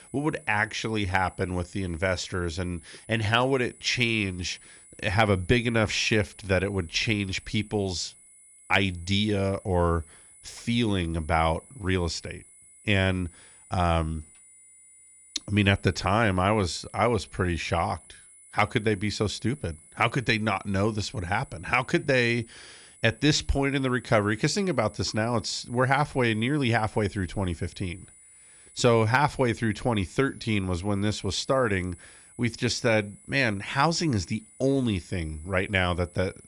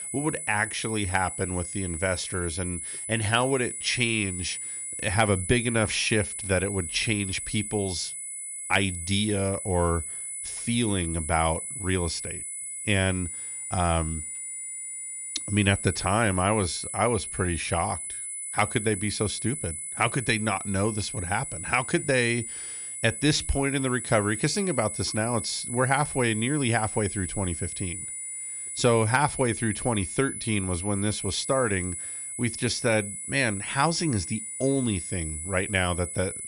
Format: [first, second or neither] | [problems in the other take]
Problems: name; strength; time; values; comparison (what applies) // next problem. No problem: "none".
first | high-pitched whine; loud; throughout; 10 kHz, 5 dB below the speech; faint in the first